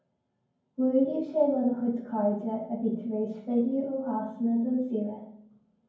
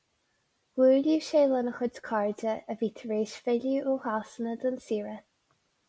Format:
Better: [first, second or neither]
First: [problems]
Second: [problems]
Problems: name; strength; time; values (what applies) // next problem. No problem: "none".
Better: second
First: room echo; dies away in 0.9 s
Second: none